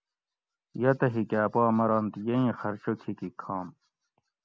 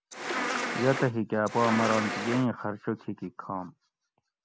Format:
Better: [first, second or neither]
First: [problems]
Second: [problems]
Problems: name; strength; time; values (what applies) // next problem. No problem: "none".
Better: first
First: none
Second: background sound (Insect); 2 dB below the speech